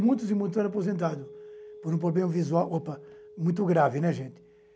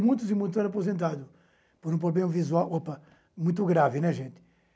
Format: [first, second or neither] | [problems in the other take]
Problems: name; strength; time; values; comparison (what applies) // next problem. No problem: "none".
second | background sound (Telephone); 19 dB below the speech